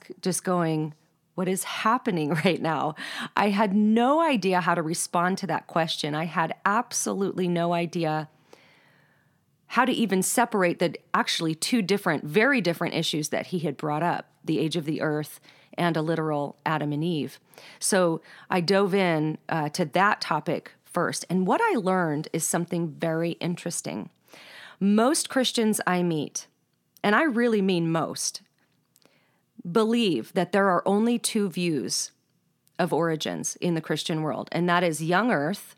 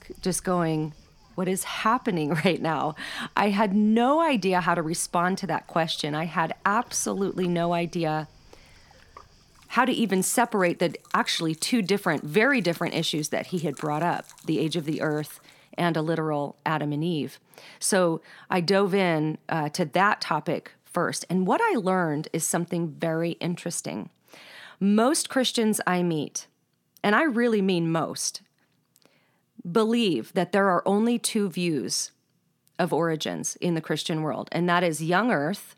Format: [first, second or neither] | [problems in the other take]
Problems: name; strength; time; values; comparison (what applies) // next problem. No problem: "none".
first | rain or running water; faint; until 15 s; 30 dB below the speech